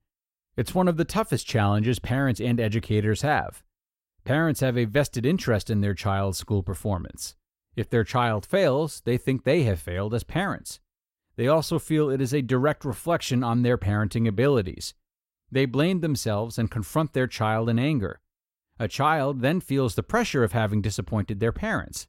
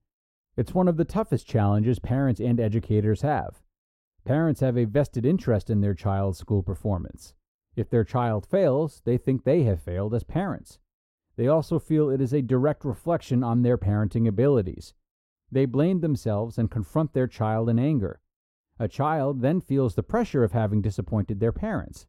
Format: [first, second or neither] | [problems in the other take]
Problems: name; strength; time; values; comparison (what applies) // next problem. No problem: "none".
first | muffled; slightly; fading above 1 kHz